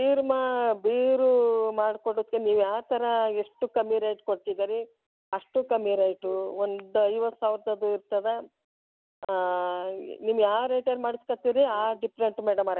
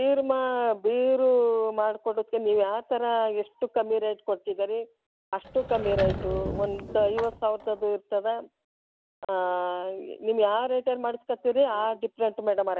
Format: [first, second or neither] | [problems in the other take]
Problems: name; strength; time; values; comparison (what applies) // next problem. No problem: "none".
first | background sound (Sliding door / Wood); 9 dB below the speech